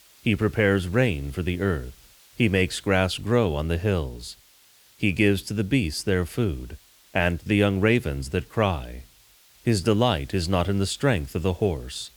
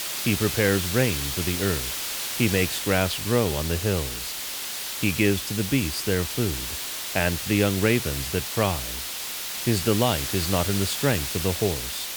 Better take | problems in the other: first | hiss; loud; throughout; 3 dB below the speech; faint in the first

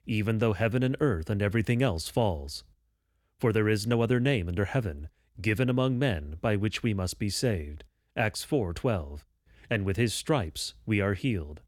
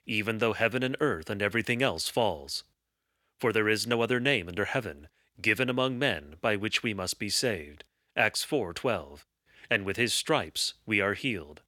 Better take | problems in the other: first | thin; somewhat; fading below 950 Hz

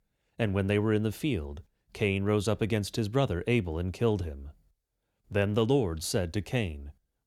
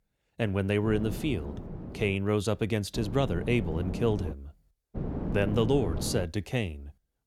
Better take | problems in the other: first | wind noise on the microphone; occasional gusts; from 1 to 2 s, from 3 to 4.5 s and from 5 to 6.5 s; 10 dB below the speech

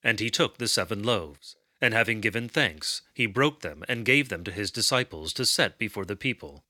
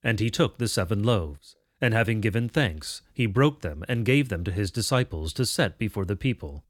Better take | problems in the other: second | thin; somewhat; fading below 350 Hz

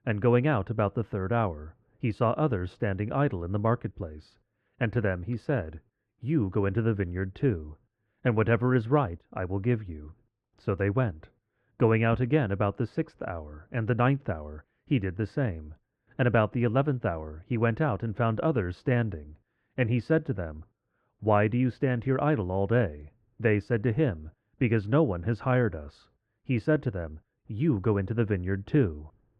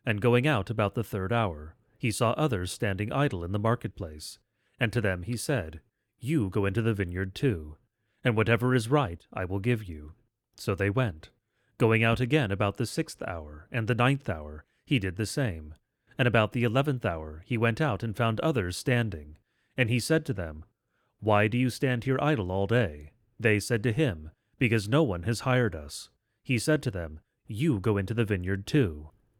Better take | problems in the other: second | muffled; very; fading above 1.5 kHz

